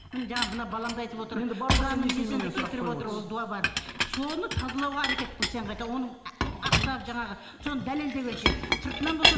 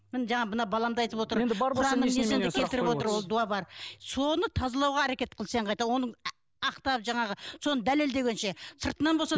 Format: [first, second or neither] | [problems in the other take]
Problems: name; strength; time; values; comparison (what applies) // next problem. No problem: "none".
second | background sound (Chink, clink); 1 dB above the speech // room echo; dies away in 3 s